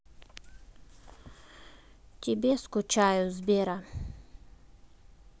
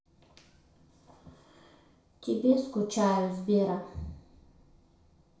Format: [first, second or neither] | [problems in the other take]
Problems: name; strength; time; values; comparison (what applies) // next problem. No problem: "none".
first | room echo; dies away in 0.6 s